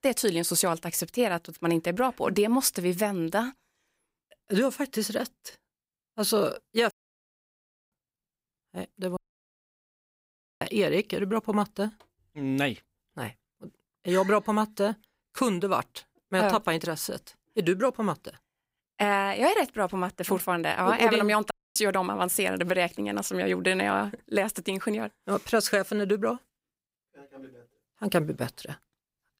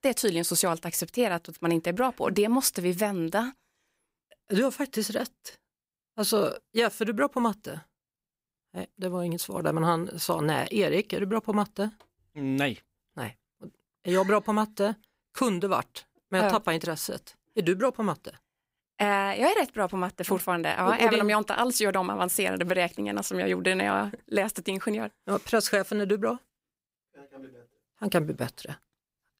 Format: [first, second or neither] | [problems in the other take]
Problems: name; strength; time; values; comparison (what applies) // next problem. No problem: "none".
second | audio cutting out; at 7 s for 1 s, at 9 s for 1.5 s and at 22 s